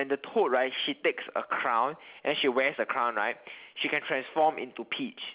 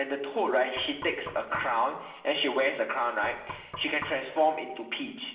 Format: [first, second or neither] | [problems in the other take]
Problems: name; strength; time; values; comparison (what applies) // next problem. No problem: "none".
first | background sound (Knock); 16 dB below the speech // room echo; dies away in 0.9 s